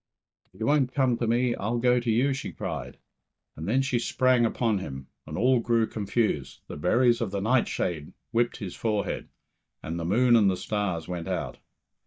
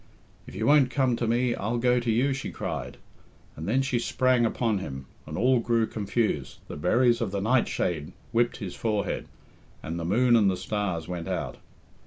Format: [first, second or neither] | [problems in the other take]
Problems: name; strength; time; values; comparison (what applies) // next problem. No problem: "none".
second | noise reduction (neural mask model DeepFilterNet 3)